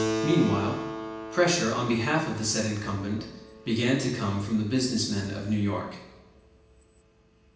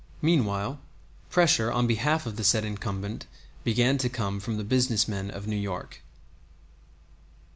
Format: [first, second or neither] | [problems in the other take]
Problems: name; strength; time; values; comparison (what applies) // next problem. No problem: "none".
second | background sound (Keyboard (musical)); 9 dB below the speech // room echo; dies away in 0.9 s